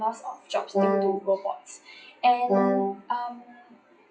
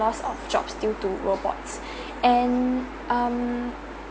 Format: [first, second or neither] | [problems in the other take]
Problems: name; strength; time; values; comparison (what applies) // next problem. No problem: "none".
second | noise reduction (classical method WPE with log-MMSE)